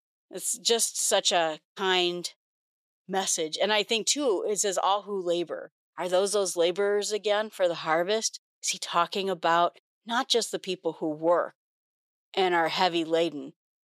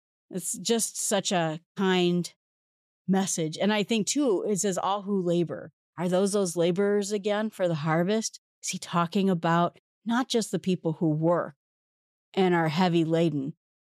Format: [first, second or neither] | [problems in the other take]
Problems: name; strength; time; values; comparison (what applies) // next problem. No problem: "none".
second | thin; very; fading below 500 Hz